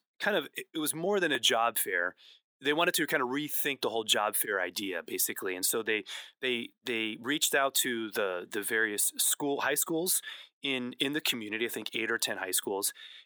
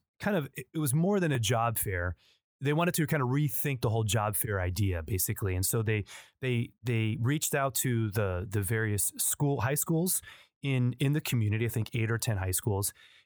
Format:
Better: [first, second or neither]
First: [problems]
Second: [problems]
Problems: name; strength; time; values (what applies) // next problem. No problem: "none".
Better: second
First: thin; somewhat; fading below 250 Hz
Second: none